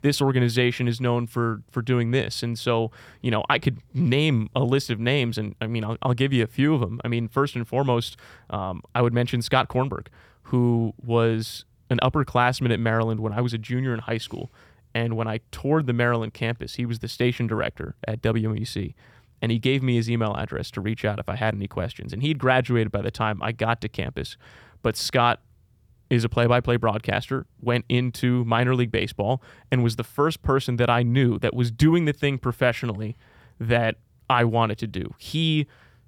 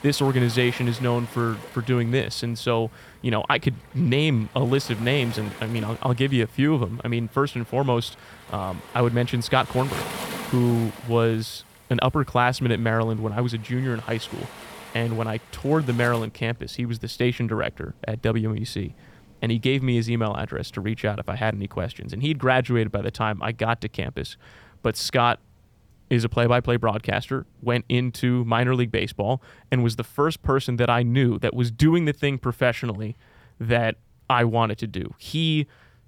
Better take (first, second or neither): first